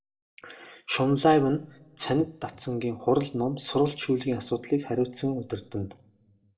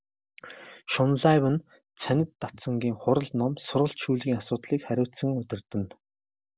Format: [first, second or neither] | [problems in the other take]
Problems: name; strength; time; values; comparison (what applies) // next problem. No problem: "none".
second | room echo; dies away in 0.4 s